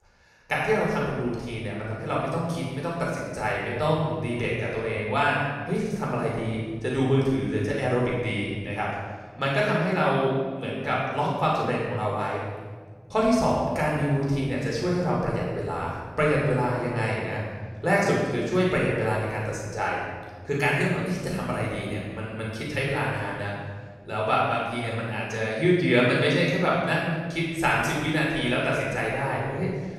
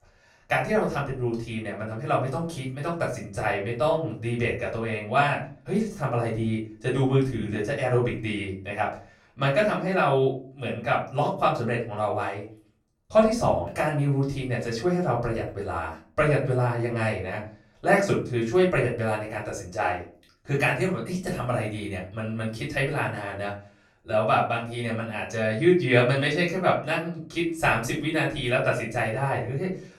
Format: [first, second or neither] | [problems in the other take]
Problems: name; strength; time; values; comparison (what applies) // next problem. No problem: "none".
second | room echo; strong; dies away in 1.6 s; slight in the second // off-mic speech; far; far in the second